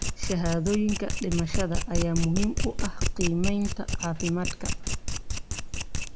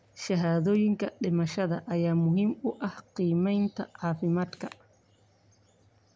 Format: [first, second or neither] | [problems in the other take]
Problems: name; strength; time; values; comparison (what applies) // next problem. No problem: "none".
second | background sound (Domestic sounds, home sounds); 1 dB above the speech